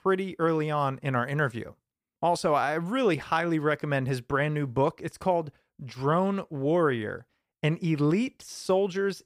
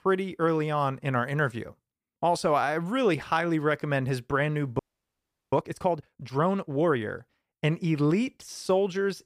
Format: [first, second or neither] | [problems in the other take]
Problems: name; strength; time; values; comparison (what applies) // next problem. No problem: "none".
first | audio freezing; at 5 s for 0.5 s